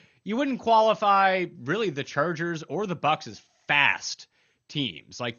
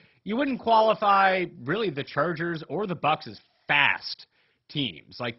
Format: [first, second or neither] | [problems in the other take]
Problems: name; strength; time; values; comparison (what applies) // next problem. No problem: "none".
first | garbled, watery; badly; nothing above 5.5 kHz; slightly in the first